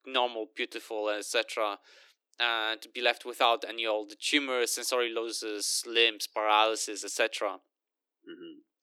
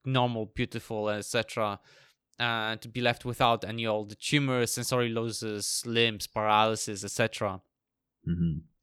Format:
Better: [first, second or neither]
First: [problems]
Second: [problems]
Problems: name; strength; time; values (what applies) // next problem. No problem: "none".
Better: second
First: thin; somewhat; fading below 300 Hz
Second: none